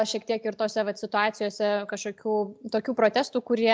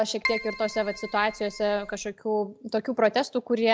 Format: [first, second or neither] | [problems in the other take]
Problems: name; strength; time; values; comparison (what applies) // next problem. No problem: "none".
first | background sound (Keyboard (musical)); 10 dB below the speech